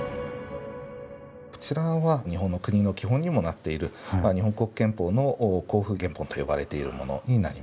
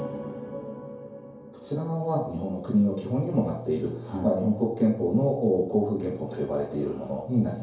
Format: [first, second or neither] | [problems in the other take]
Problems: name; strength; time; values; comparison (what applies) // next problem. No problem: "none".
first | room echo; dies away in 2.4 s